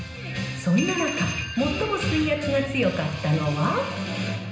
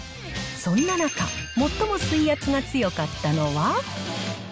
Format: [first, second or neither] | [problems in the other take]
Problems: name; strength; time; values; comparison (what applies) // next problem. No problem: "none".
second | room echo; dies away in 0.9 s